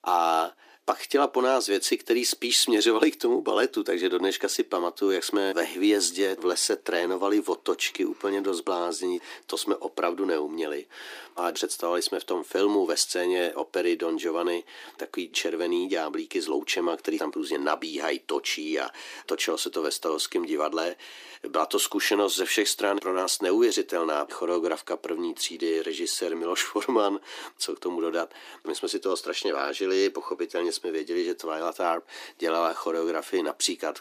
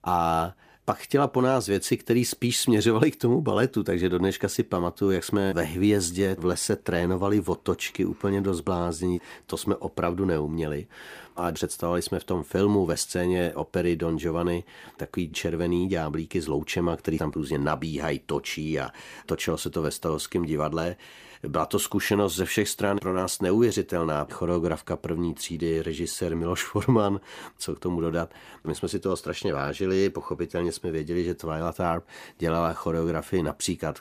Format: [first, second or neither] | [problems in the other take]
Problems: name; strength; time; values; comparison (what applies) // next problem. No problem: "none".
second | thin; somewhat; fading below 300 Hz